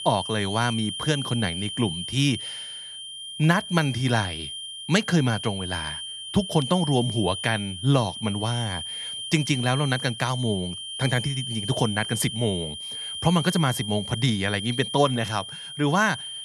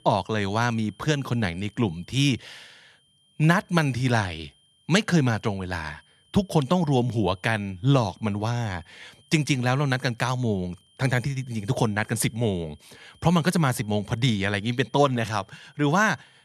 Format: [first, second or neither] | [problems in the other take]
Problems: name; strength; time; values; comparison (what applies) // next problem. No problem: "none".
second | high-pitched whine; loud; throughout; 3 kHz, 7 dB below the speech; faint in the second